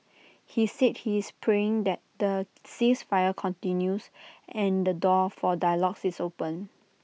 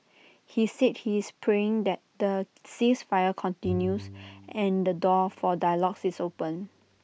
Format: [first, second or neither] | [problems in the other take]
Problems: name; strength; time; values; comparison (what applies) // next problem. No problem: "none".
first | background sound (Bowed string instrument); 15 dB below the speech